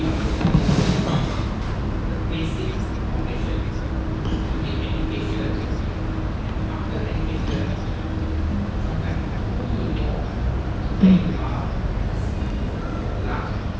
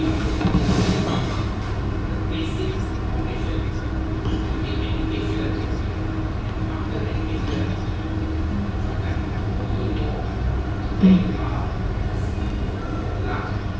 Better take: first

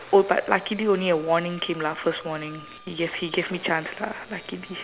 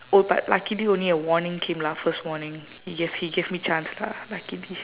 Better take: second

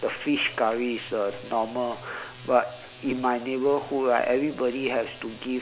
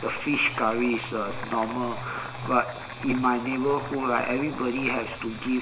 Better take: first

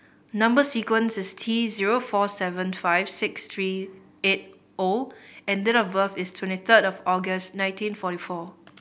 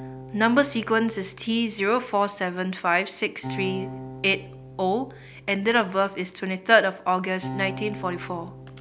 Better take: first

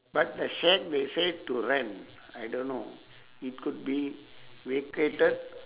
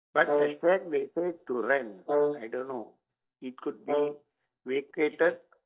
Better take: first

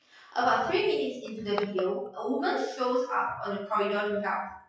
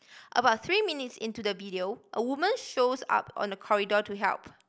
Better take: second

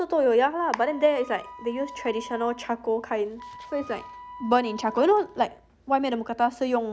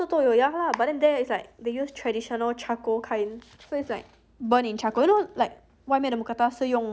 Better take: second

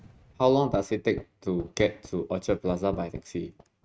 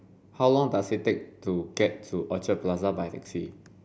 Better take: second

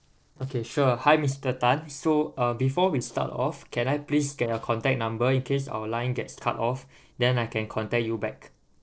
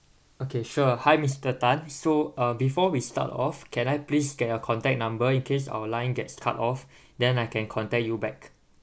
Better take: second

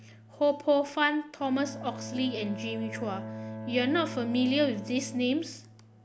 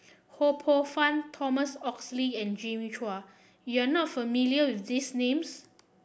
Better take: second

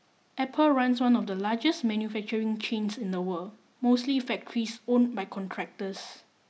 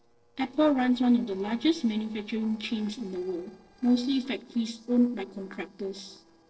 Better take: first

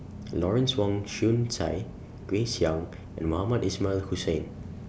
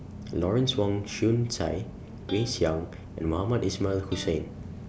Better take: first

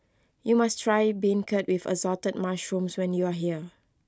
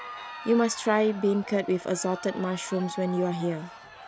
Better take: first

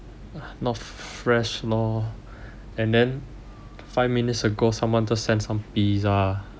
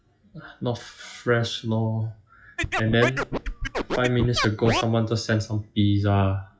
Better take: first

